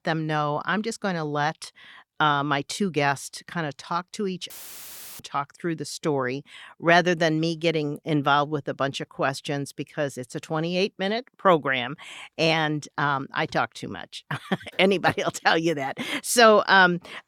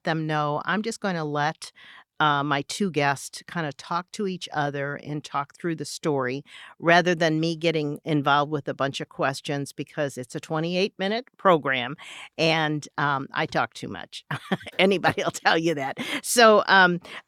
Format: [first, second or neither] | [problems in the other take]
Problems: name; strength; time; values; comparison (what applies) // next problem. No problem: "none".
second | audio cutting out; filled with static; at 4.5 s for 0.5 s